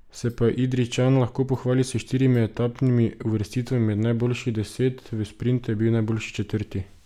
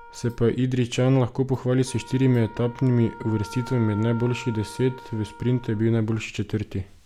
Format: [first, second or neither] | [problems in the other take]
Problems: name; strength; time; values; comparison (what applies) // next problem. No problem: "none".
first | background sound (Wind instrument, woodwind instrument); 20 dB below the speech